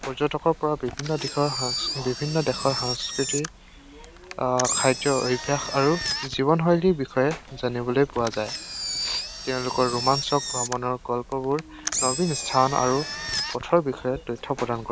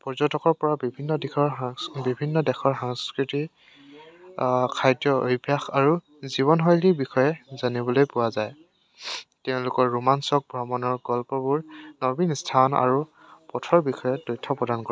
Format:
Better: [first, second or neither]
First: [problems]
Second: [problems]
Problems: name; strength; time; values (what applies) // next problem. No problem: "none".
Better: second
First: background sound (Engine); 7 dB below the speech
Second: none